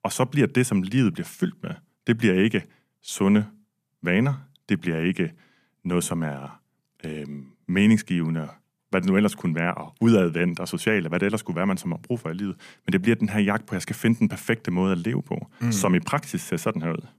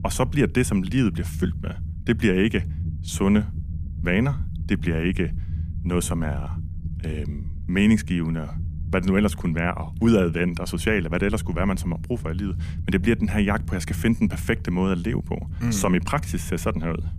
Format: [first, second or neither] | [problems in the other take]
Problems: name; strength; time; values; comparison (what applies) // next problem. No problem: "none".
first | low rumble; noticeable; throughout; 20 dB below the speech